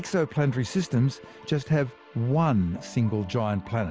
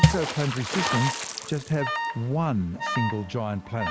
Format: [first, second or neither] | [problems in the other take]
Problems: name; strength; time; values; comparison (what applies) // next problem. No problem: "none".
first | background sound (Alarm + Water / Splash, splatter); as loud as the speech